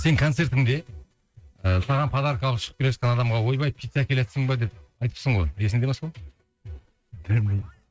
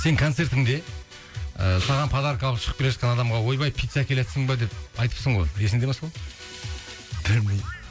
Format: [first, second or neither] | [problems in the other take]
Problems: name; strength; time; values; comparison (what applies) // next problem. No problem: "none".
second | noise reduction (neural mask model RNNoise)